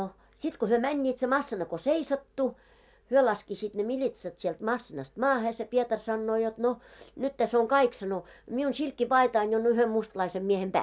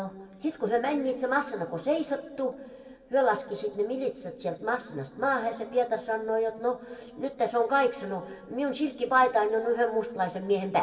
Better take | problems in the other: first | room echo; dies away in 1.1 s

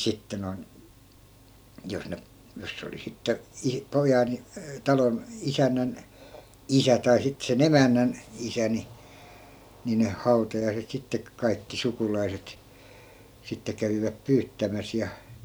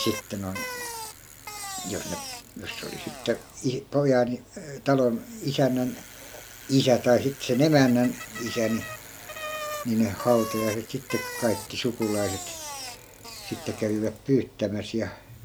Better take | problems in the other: first | background sound (Bicycle); 12 dB below the speech

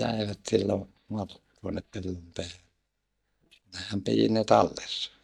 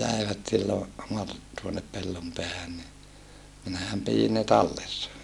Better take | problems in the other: second | noise reduction (neural mask model DeepFilterNet 3)

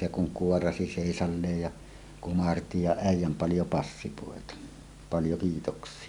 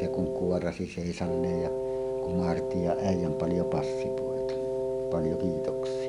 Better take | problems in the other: first | background sound (Wind instrument, woodwind instrument); 1 dB above the speech

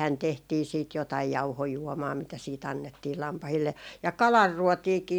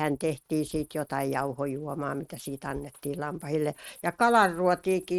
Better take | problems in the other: first | noise reduction (neural mask model RNNoise)

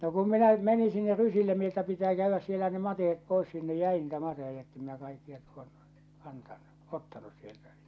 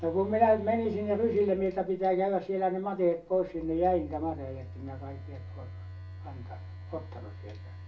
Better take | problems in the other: first | background sound (Telephone); 14 dB below the speech // room echo; dies away in 0.2 s

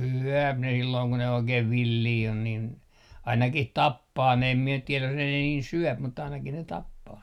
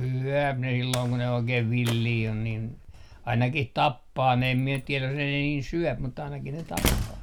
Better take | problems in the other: first | background sound (Slam); 10 dB below the speech

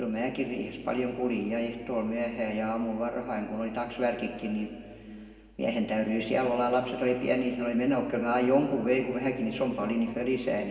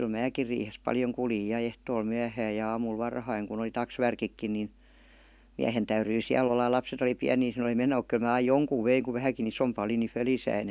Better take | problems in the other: second | room echo; dies away in 2.1 s

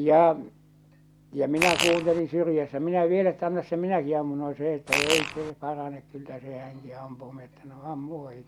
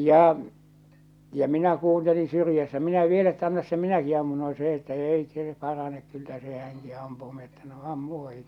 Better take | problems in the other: second | background sound (Fart); as loud as the speech

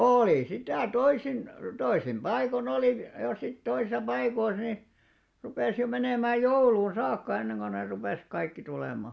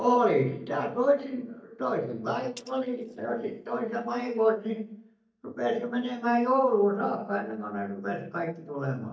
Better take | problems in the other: first | noise reduction (neural mask model DeepFilterNet 3)

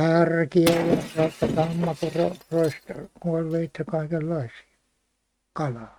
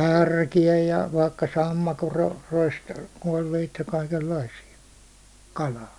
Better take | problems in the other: second | noise reduction (neural mask model RNNoise)

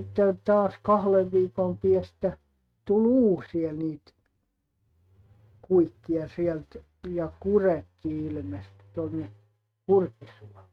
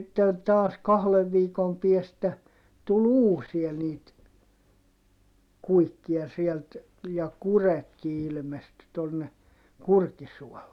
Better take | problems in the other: second | noise reduction (neural mask model RNNoise)

